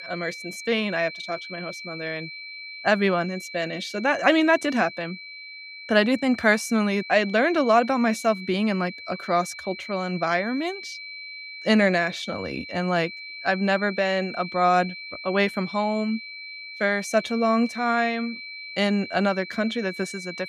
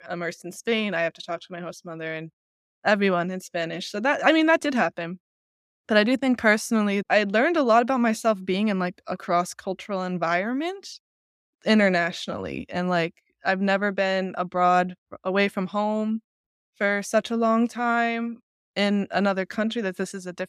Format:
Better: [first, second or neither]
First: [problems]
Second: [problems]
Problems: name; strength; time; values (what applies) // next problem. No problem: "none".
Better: second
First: high-pitched whine; noticeable; throughout; 2.5 kHz, 10 dB below the speech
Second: none